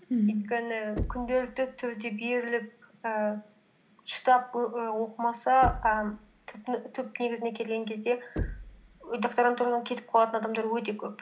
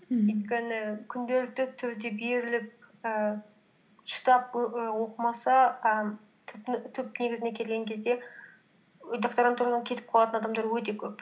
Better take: second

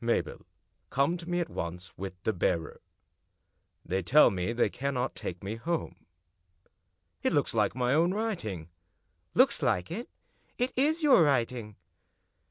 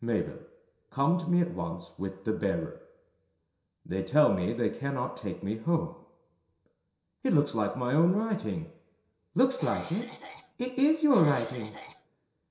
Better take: first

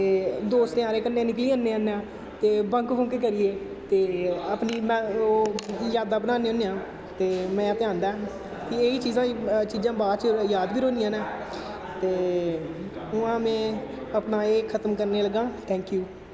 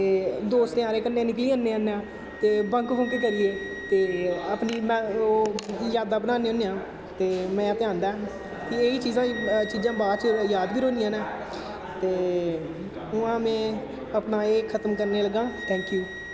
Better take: first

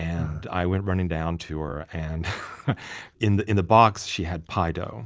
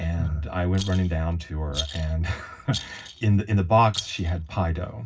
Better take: first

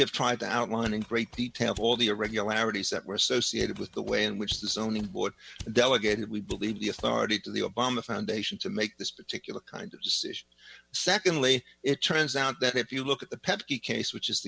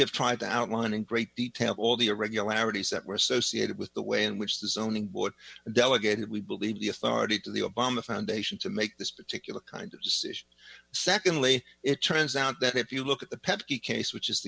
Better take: second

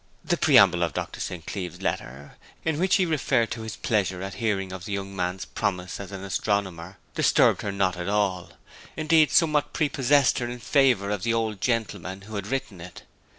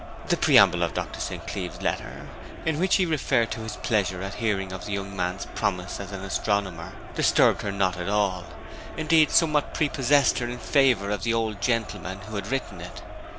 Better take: first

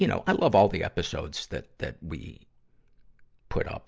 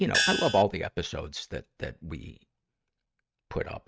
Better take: first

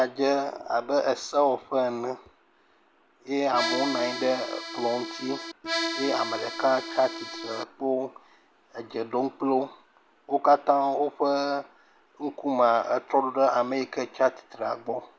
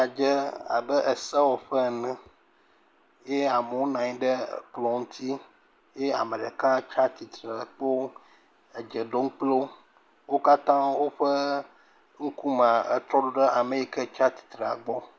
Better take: second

